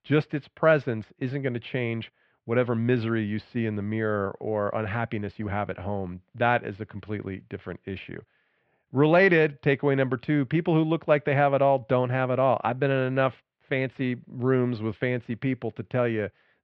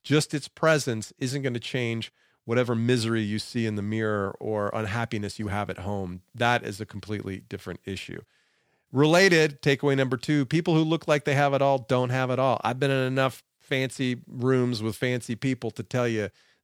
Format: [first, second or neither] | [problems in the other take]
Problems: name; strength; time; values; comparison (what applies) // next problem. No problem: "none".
second | muffled; very; fading above 2.5 kHz